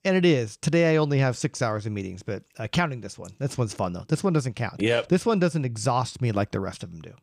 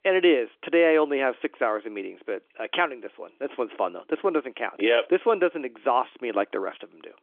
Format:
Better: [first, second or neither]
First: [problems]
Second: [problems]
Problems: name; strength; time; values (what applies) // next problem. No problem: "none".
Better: first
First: none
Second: phone-call audio; nothing above 3.5 kHz